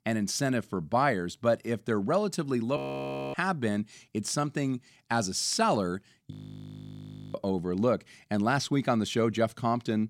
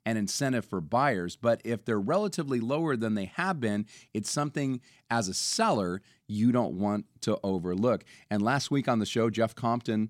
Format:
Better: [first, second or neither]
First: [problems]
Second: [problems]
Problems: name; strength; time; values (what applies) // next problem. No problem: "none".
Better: second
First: audio freezing; at 3 s for 0.5 s and at 6.5 s for 1 s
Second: none